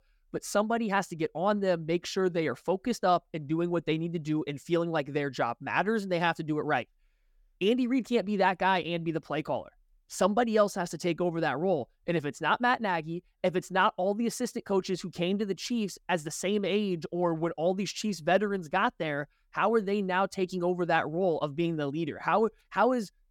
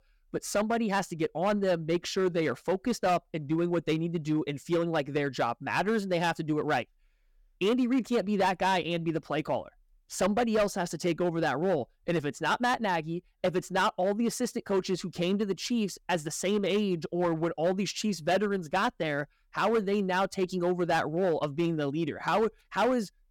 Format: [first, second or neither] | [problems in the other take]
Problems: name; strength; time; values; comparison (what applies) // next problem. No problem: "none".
first | distortion; slight; 6% of the sound clipped